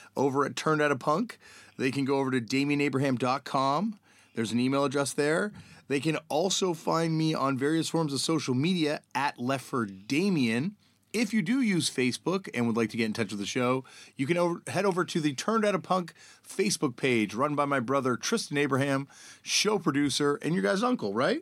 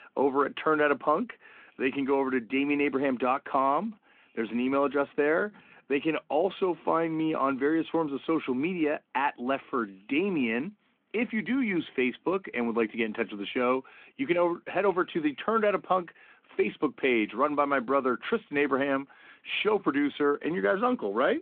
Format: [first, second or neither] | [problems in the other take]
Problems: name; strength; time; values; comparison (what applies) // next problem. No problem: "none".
first | phone-call audio